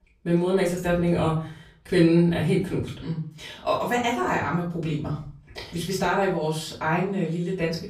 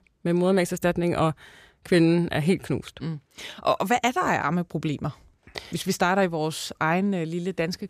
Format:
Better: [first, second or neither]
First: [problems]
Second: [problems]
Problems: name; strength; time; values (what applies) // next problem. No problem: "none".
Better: second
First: room echo; slight; dies away in 0.4 s // off-mic speech; far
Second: none